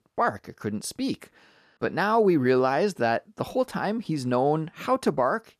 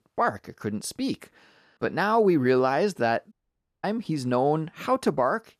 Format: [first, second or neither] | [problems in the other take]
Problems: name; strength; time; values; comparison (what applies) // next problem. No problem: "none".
first | audio cutting out; at 3.5 s for 0.5 s